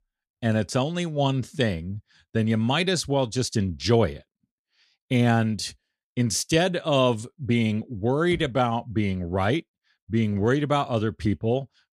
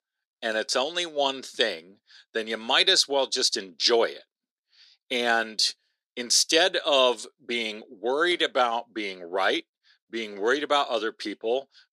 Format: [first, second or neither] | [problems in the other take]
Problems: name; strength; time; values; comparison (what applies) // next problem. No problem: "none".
first | thin; very; fading below 350 Hz